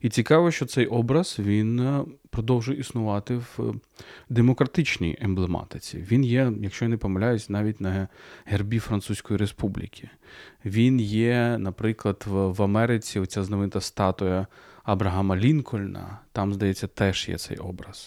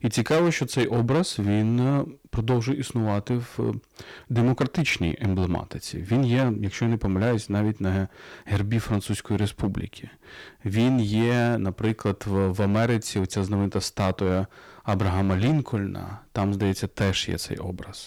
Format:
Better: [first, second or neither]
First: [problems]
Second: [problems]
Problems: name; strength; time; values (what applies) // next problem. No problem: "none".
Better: first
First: none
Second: distortion; slight; 9% of the sound clipped